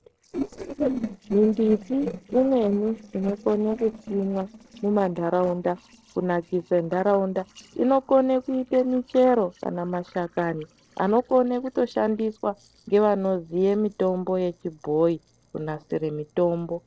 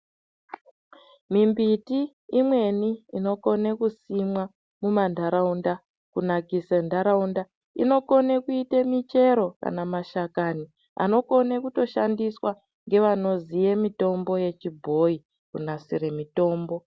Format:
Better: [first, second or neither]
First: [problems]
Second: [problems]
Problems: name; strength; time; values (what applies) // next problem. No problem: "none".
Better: second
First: noise reduction (neural separator model SepFormer DNS4)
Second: none